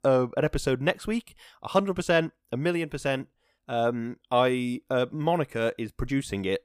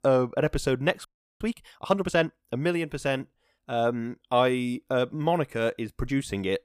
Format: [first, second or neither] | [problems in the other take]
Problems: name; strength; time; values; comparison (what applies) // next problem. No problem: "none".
first | audio freezing; at 1 s